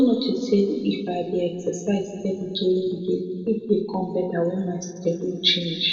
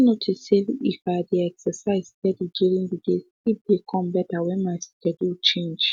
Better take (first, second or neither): second